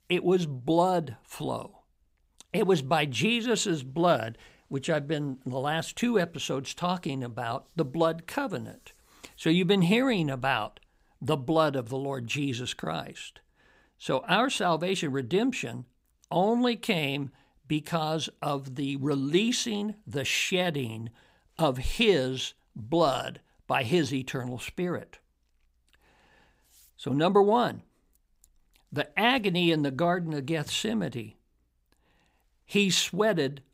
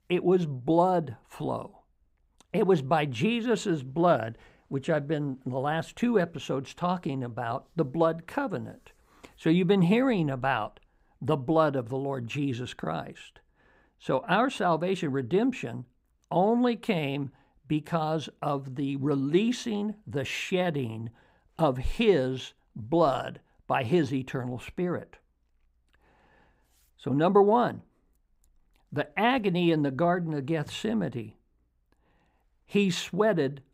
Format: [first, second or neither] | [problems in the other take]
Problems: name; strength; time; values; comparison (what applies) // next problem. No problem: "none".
first | muffled; slightly; fading above 2.5 kHz